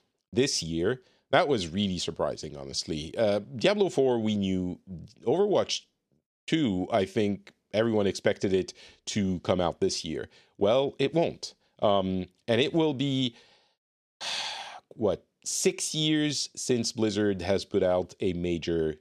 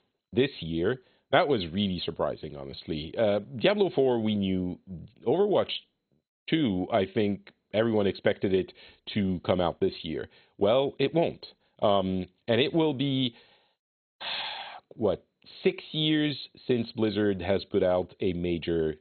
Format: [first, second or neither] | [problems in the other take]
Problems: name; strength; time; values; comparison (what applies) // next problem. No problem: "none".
first | garbled, watery; badly; nothing above 4 kHz